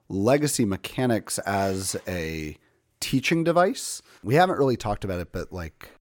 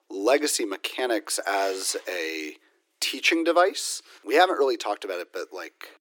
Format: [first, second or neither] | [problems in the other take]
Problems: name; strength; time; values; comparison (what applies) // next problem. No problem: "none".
first | thin; very; fading below 300 Hz